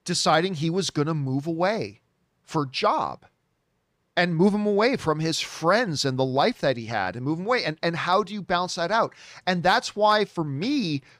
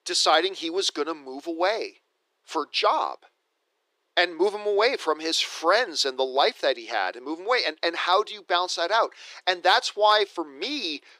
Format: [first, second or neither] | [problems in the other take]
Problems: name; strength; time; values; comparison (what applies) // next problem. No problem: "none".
first | thin; very; fading below 350 Hz